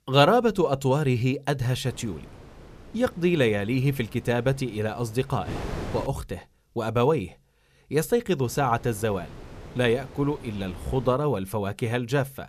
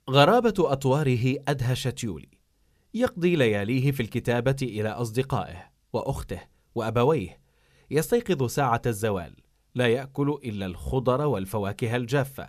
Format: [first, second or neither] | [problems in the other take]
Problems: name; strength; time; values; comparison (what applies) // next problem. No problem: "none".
second | wind noise on the microphone; occasional gusts; from 2 to 6 s and from 8.5 to 11 s; 20 dB below the speech